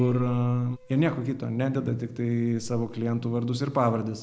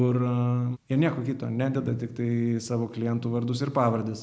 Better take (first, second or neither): second